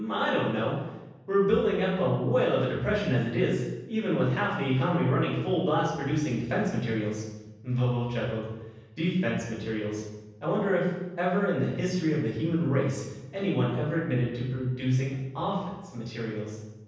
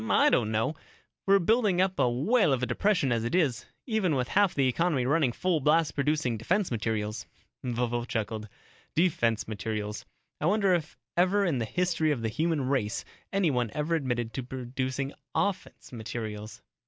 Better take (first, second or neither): second